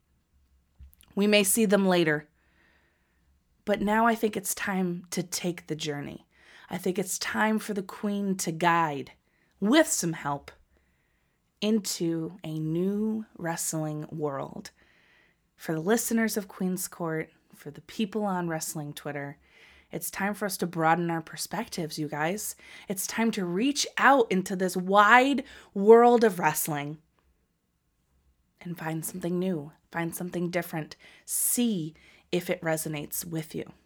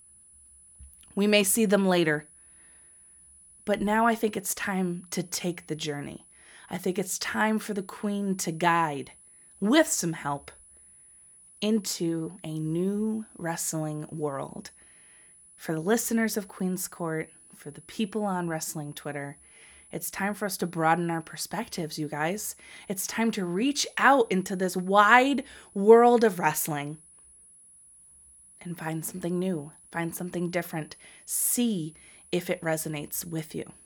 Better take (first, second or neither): first